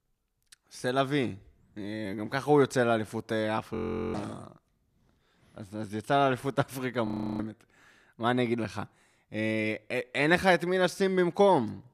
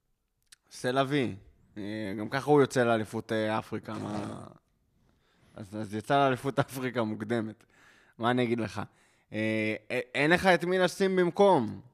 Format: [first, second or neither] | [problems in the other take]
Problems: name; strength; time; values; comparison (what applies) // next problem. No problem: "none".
second | audio freezing; at 4 s and at 7 s